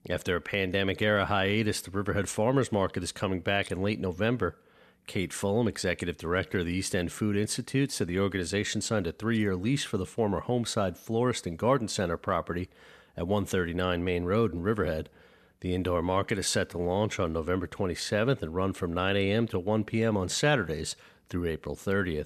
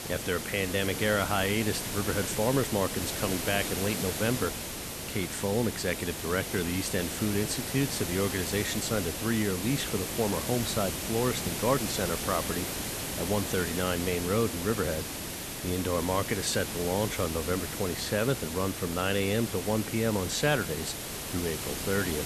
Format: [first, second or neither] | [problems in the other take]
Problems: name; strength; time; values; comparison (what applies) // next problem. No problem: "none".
first | hiss; loud; throughout; 3 dB below the speech